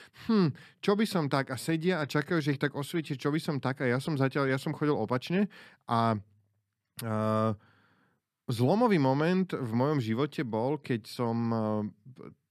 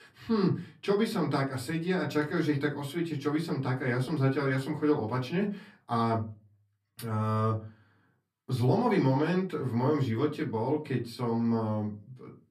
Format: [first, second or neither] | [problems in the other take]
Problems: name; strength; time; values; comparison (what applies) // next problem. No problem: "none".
first | off-mic speech; far // room echo; very slight; dies away in 0.3 s